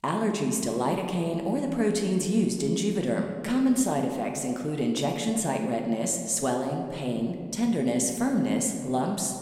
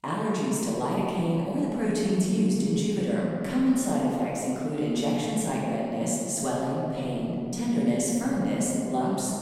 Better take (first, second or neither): first